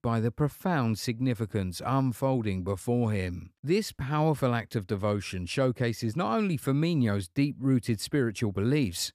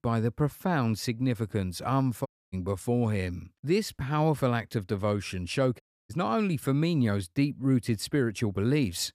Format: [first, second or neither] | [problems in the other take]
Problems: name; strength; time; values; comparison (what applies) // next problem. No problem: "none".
first | audio cutting out; at 2.5 s and at 6 s